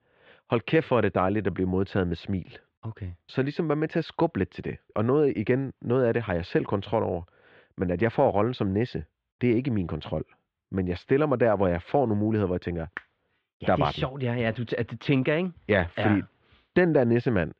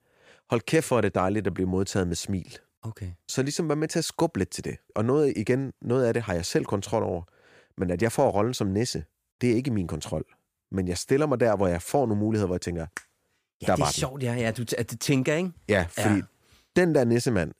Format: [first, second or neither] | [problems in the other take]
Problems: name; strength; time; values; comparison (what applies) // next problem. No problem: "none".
second | muffled; very; fading above 3.5 kHz